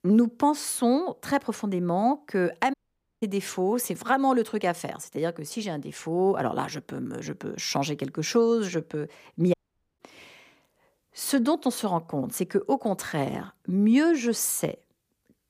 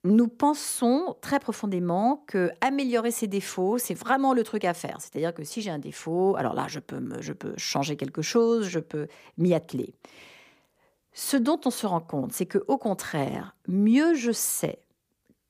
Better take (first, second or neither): second